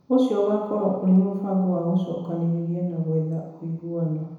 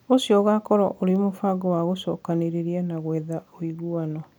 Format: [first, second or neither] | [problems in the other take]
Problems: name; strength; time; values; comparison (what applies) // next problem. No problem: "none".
second | room echo; dies away in 1 s